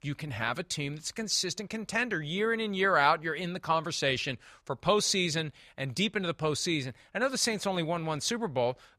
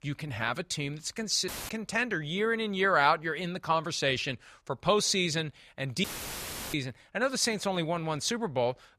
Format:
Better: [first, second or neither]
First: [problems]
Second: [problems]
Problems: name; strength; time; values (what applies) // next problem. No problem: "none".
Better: first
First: none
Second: audio cutting out; filled with static; at 1.5 s and at 6 s for 0.5 s